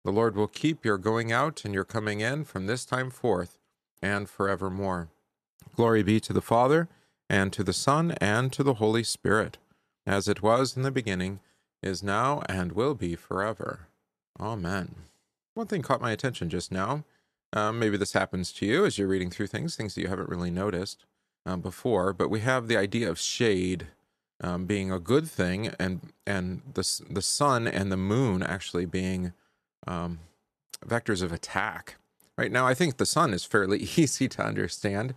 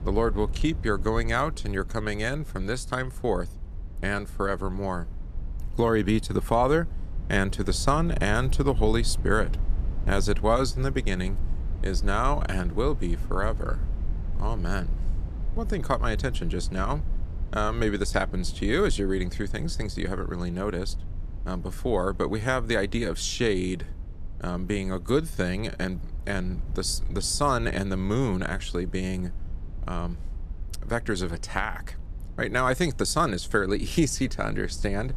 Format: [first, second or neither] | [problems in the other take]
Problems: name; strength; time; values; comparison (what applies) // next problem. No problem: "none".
first | low rumble; faint; throughout; 20 dB below the speech